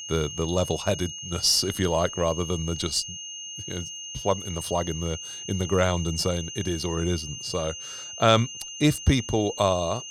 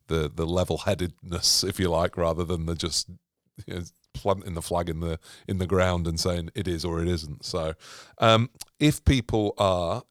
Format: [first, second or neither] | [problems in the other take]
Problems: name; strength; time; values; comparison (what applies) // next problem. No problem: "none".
second | high-pitched whine; loud; throughout; 3 kHz, 9 dB below the speech